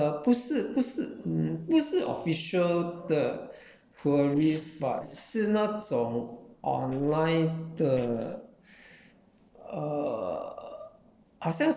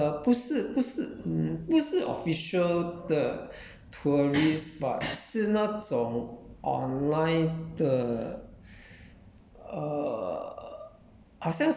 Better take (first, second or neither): second